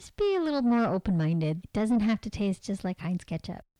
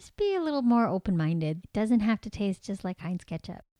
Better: second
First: distortion; slight; 10 dB below the speech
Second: none

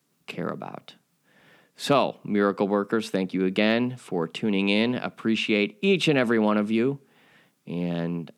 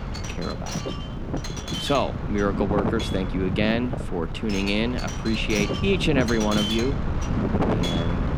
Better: first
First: none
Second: wind noise on the microphone; heavy; 4 dB below the speech

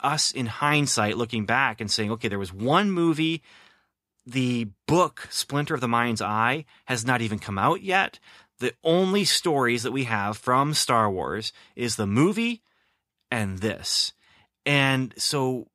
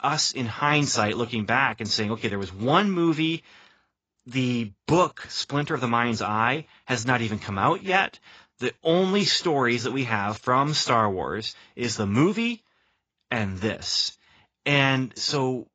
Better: first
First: none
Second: garbled, watery; badly; nothing above 7.5 kHz

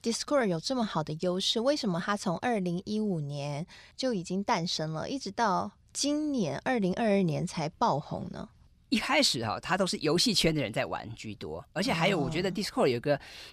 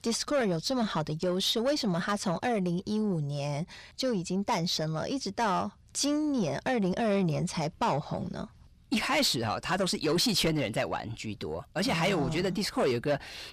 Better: first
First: none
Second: distortion; slight; 10 dB below the speech

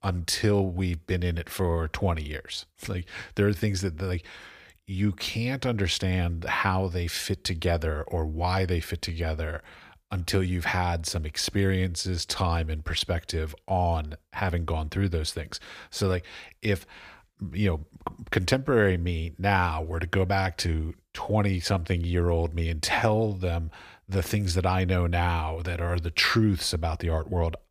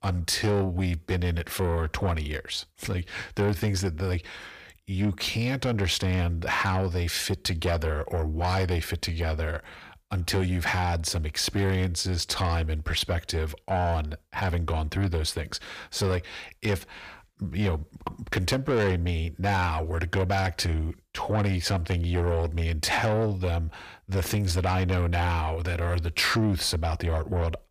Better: first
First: none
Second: distortion; slight; 10 dB below the speech

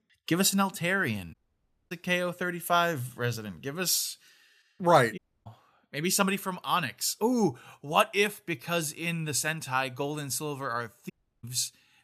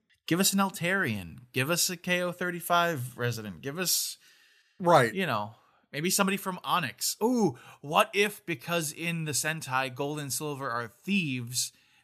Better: second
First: audio cutting out; at 1.5 s for 0.5 s, at 5 s and at 11 s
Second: none

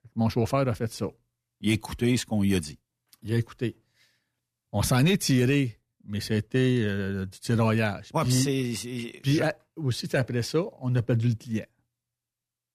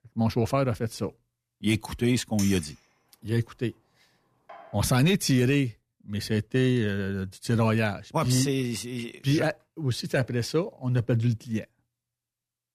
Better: first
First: none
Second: clattering dishes; noticeable; from 2.5 to 4.5 s; peak 10 dB below the speech

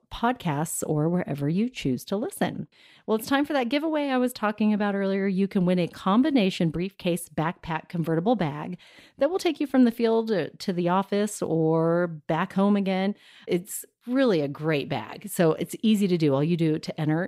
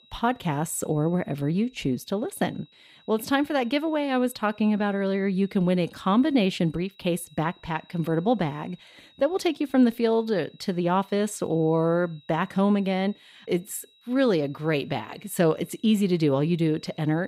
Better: first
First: none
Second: high-pitched whine; faint; throughout; 4 kHz, 30 dB below the speech

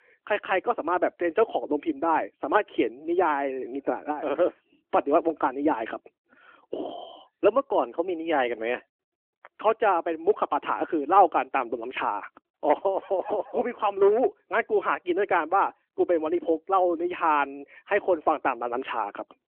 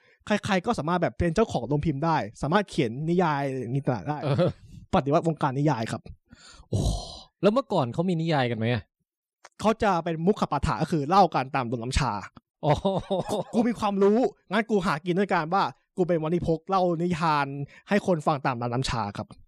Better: second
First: phone-call audio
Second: none

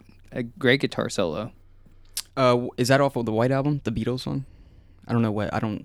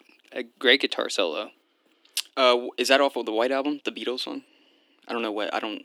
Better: first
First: none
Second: thin; somewhat; fading below 300 Hz

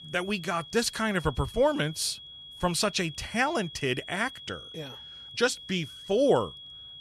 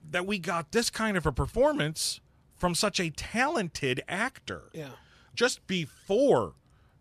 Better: second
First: high-pitched whine; noticeable; throughout; 3.5 kHz, 15 dB below the speech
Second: none

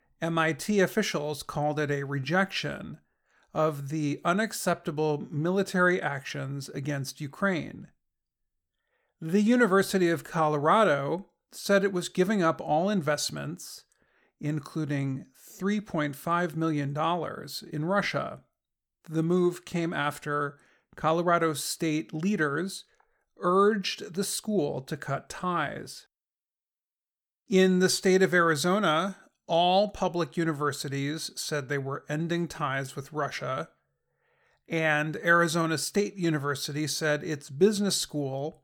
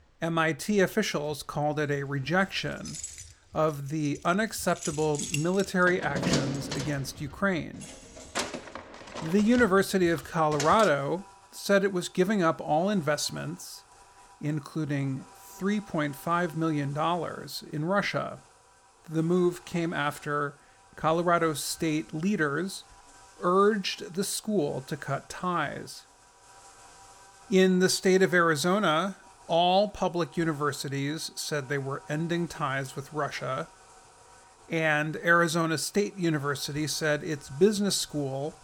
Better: first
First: none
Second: household noises; noticeable; throughout; 15 dB below the speech

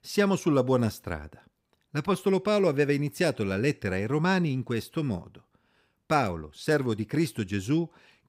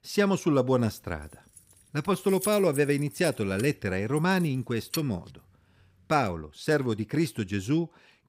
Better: first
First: none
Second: jangling keys; noticeable; from 1.5 to 5 s; peak 7 dB below the speech

